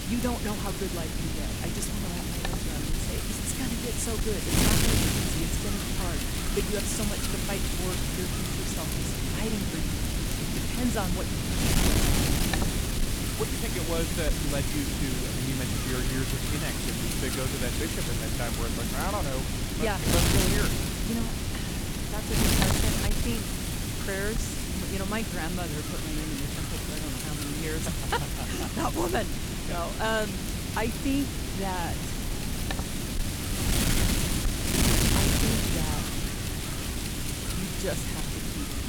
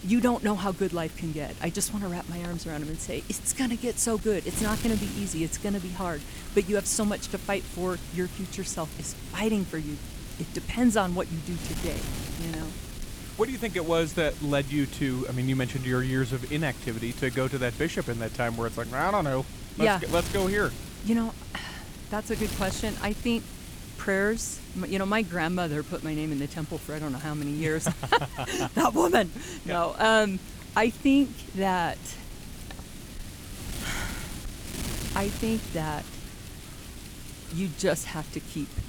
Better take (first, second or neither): second